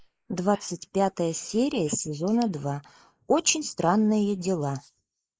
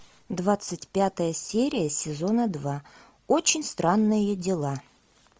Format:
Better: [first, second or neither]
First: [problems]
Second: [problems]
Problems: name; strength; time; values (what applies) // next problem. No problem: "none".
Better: second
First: noise reduction (neural mask model Resemble Enhance denoiser)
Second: none